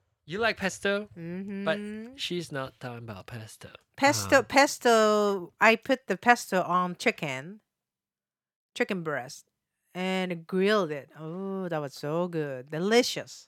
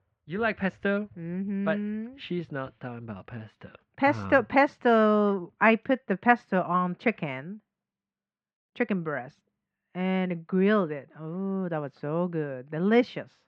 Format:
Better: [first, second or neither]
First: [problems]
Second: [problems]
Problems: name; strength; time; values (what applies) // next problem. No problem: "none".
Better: first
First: none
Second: muffled; very; fading above 2.5 kHz